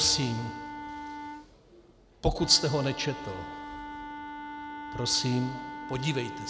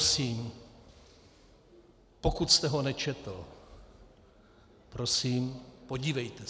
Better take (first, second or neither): second